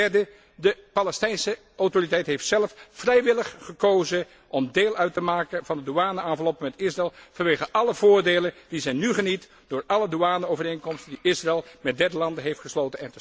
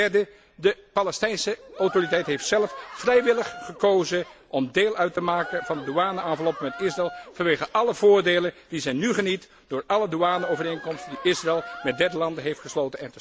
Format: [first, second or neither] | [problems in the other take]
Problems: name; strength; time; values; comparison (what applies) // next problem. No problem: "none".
first | background sound (Cheering); 15 dB below the speech